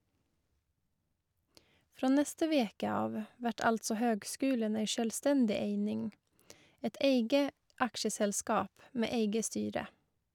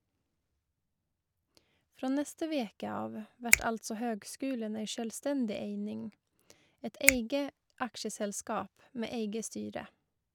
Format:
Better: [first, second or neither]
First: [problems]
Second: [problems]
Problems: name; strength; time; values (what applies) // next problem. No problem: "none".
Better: first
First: none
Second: background sound (Finger snapping); 2 dB above the speech